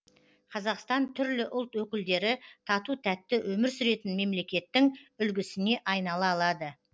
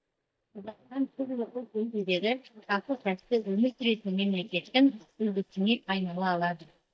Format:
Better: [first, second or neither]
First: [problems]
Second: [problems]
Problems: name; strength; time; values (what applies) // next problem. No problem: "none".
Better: first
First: none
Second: noise reduction (neural mask model DeepFilterNet 3)